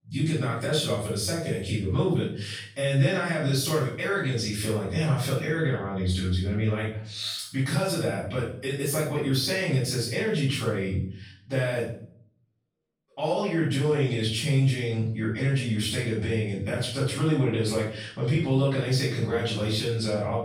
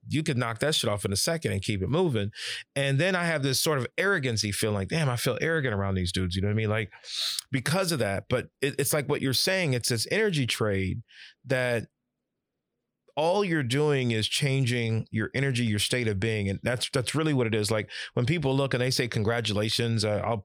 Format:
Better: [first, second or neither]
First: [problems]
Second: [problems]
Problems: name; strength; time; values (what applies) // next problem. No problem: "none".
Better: second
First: room echo; noticeable; dies away in 0.5 s // off-mic speech; far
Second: none